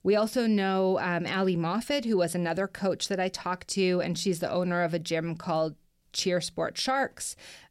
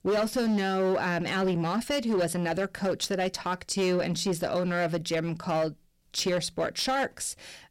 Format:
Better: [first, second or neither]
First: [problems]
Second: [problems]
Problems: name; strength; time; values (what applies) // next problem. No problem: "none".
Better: first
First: none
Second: distortion; slight; 12% of the sound clipped